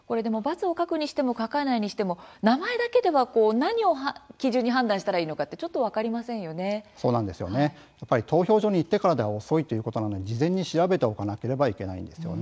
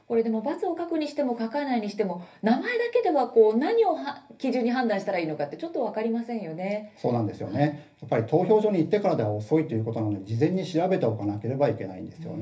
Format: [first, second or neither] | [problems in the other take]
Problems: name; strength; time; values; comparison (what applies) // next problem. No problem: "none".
first | room echo; dies away in 0.3 s